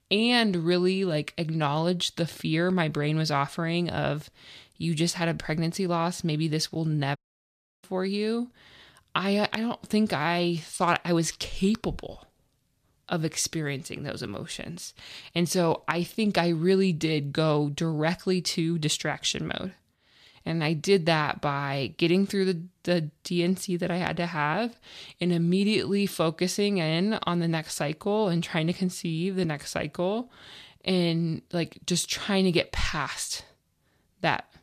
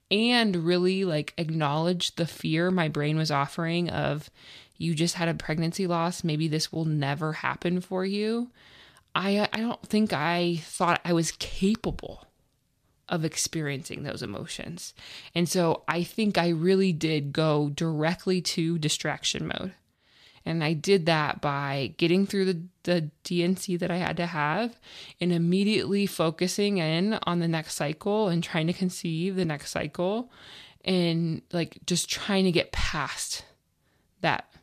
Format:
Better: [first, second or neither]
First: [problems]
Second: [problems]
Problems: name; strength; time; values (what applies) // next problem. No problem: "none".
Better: second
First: audio cutting out; at 7 s for 0.5 s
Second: none